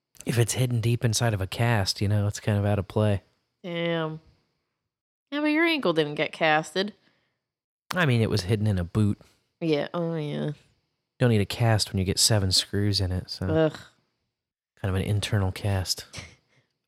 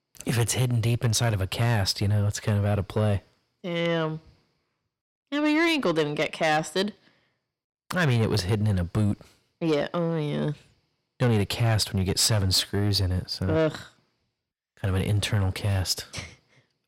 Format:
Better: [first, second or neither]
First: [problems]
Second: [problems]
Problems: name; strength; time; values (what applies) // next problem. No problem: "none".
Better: first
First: none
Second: distortion; slight; 10 dB below the speech